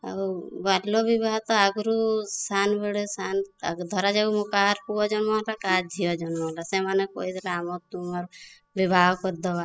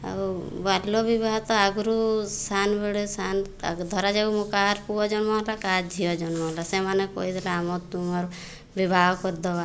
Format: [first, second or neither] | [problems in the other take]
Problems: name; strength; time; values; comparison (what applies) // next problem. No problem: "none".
second | noise reduction (classical method spectral subtraction)